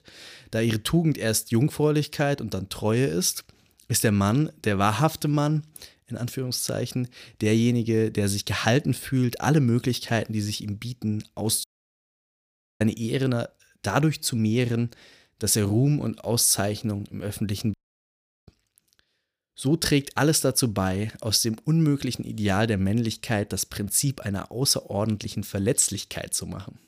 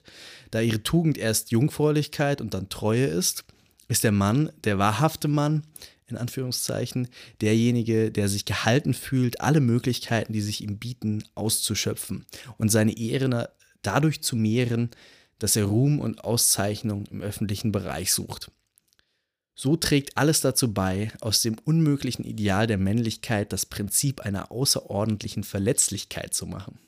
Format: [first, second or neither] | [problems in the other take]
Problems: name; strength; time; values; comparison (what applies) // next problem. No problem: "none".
second | audio cutting out; at 12 s for 1 s and at 18 s for 0.5 s